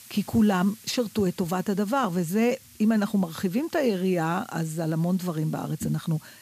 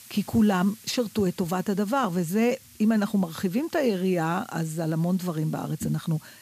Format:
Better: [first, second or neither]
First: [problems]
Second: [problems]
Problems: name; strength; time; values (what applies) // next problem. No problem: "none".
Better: neither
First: hiss; faint; throughout; 20 dB below the speech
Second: hiss; faint; throughout; 20 dB below the speech